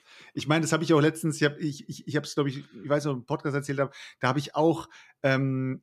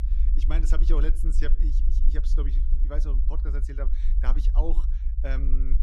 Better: first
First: none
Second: low rumble; loud; throughout; 10 dB below the speech

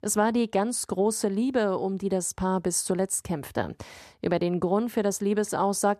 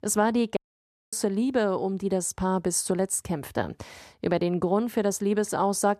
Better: first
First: none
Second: audio cutting out; at 0.5 s for 0.5 s

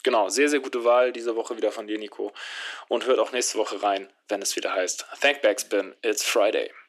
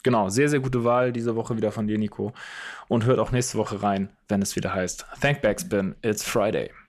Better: second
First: thin; somewhat; fading below 300 Hz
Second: none

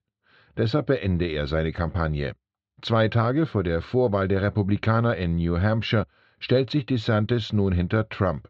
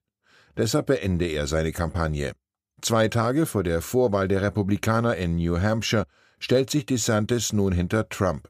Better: second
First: muffled; slightly; fading above 4 kHz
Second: none

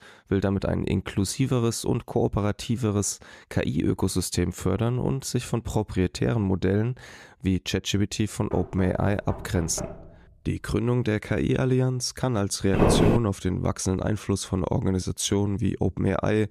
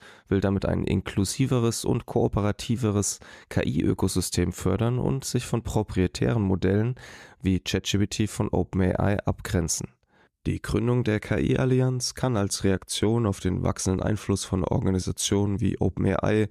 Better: second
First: door banging; faint; from 8.5 to 11 s; peak 10 dB below the speech // footsteps; loud; at 13 s; peak 6 dB above the speech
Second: none

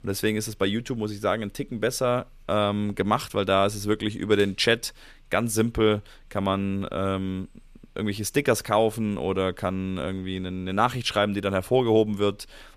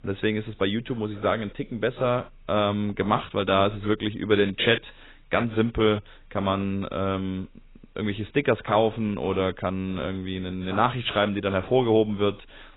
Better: first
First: none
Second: garbled, watery; badly; nothing above 3.5 kHz

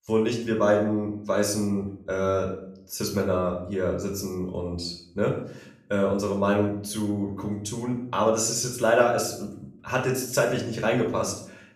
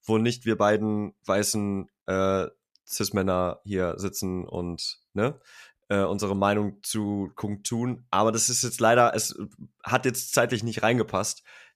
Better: second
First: off-mic speech; somewhat distant // room echo; slight; dies away in 0.6 s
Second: none

